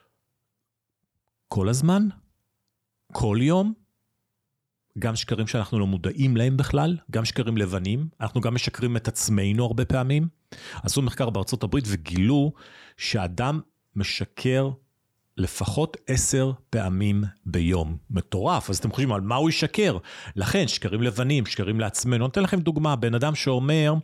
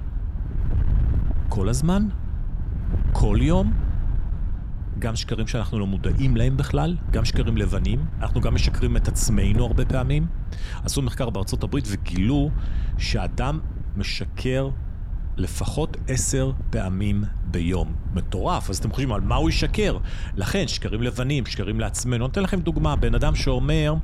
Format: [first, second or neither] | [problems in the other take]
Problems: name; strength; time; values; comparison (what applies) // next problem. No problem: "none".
first | wind noise on the microphone; occasional gusts; 15 dB below the speech